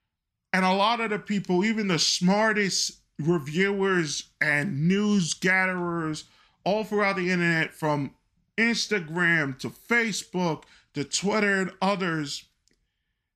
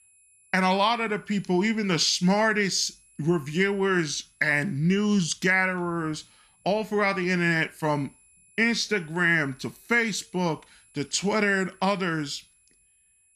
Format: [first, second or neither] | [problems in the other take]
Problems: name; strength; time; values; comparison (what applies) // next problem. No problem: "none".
first | high-pitched whine; faint; throughout; 10.5 kHz, 35 dB below the speech